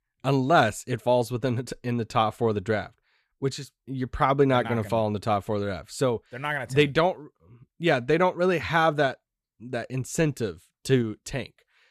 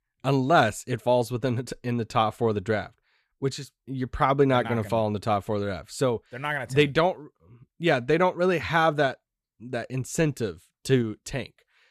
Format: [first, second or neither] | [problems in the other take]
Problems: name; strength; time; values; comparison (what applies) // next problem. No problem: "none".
neither | none